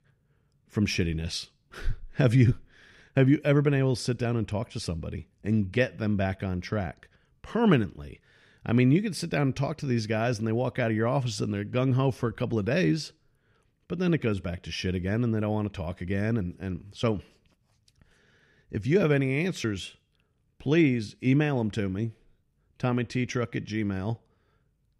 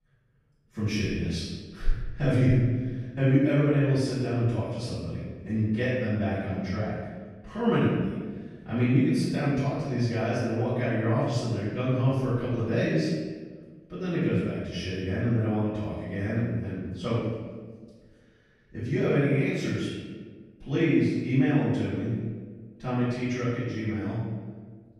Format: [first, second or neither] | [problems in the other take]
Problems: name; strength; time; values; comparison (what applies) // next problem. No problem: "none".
first | off-mic speech; far // room echo; strong; dies away in 1.3 s